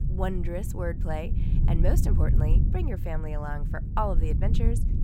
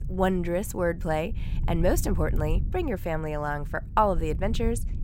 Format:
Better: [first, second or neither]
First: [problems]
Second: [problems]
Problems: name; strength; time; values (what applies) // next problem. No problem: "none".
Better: second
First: low rumble; loud; throughout; 7 dB below the speech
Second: low rumble; faint; throughout; 20 dB below the speech